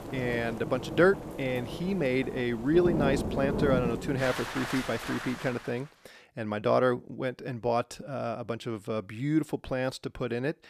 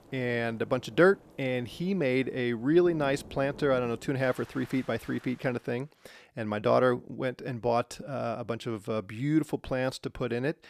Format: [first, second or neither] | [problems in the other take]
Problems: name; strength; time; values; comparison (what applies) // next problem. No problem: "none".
second | rain or running water; loud; until 5.5 s; 5 dB below the speech; faint in the second